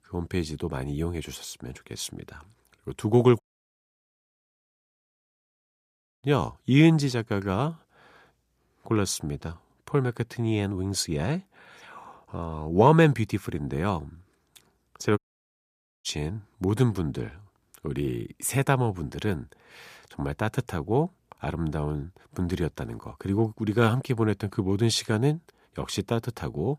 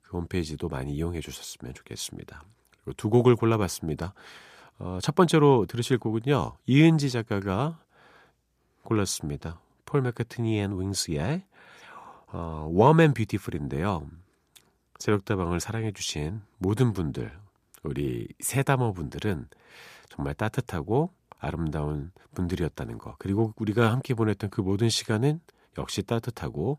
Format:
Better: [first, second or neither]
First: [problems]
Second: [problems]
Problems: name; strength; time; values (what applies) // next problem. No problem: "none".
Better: second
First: audio cutting out; at 3.5 s for 3 s and at 15 s for 1 s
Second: none